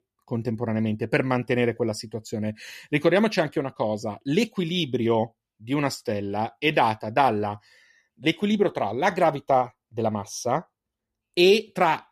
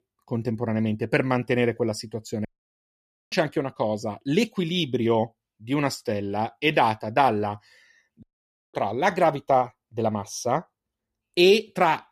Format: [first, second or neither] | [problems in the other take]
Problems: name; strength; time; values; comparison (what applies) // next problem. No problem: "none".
first | audio cutting out; at 2.5 s for 1 s and at 8 s for 0.5 s